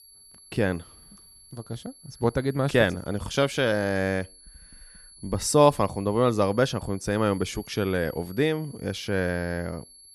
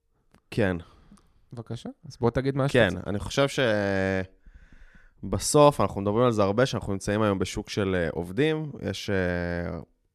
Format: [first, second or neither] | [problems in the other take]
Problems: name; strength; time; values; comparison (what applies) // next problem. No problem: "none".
second | high-pitched whine; faint; throughout; 11 kHz, 25 dB below the speech